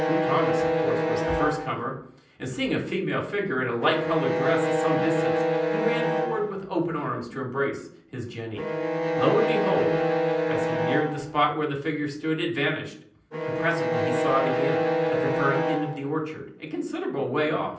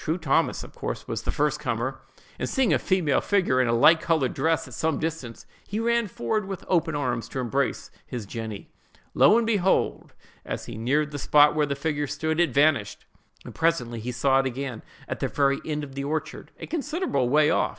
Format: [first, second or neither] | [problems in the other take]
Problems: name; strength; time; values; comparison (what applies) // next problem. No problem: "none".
second | background sound (Bowed string instrument); 1 dB above the speech // room echo; dies away in 0.6 s